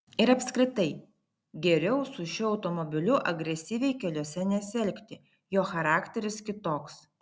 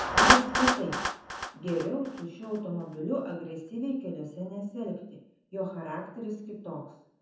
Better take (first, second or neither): first